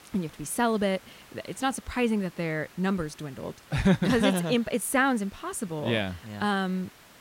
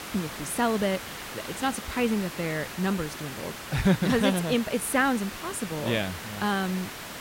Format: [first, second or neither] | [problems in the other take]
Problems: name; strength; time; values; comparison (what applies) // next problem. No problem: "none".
first | hiss; loud; throughout; 9 dB below the speech; faint in the first